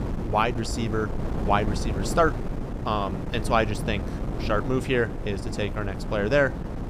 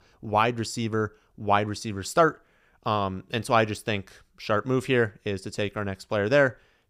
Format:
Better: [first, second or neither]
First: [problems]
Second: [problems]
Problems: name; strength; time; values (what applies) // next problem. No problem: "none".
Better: second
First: wind noise on the microphone; occasional gusts; 10 dB below the speech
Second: none